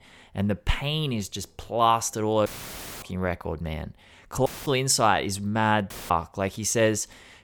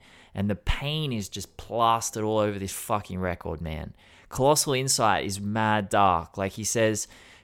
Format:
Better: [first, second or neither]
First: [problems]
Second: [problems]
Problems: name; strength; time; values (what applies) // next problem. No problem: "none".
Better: second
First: audio cutting out; filled with static; at 2.5 s for 0.5 s, at 4.5 s and at 6 s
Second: none